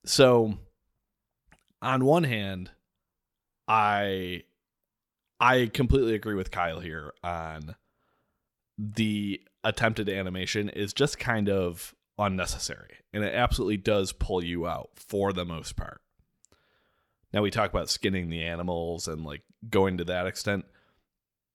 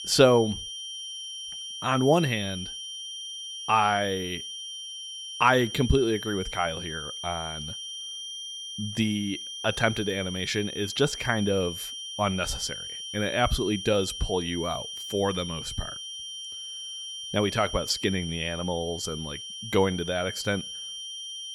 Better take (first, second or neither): first